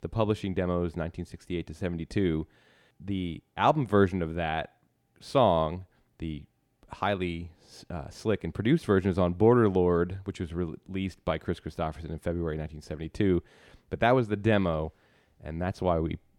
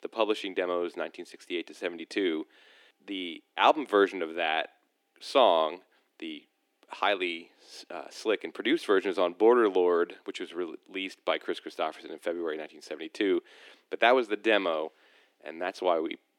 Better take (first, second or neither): first